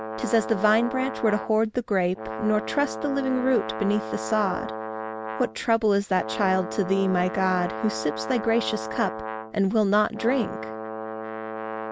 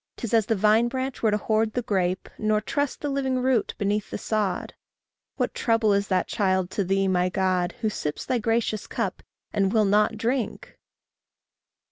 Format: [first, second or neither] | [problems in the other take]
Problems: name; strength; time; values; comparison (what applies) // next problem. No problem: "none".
second | background sound (Brass instrument); 8 dB below the speech